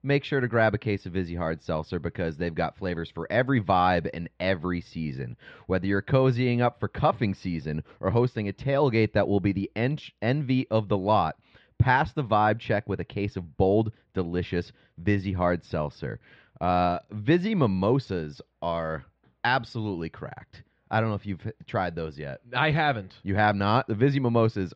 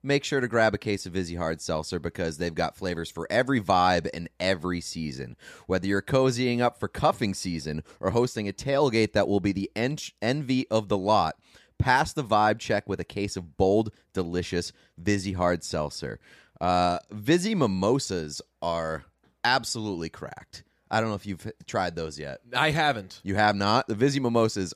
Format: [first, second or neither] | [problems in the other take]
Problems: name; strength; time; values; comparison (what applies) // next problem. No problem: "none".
second | muffled; slightly; fading above 3.5 kHz